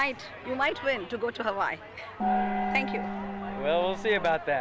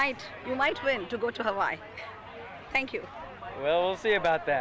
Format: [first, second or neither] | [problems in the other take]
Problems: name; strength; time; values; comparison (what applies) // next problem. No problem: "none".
second | background sound (Gong); 1 dB below the speech